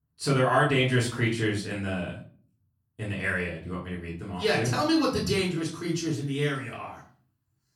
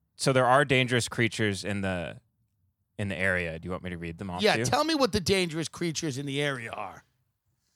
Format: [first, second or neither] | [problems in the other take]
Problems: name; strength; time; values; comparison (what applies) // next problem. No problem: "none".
second | off-mic speech; far // room echo; slight; dies away in 0.4 s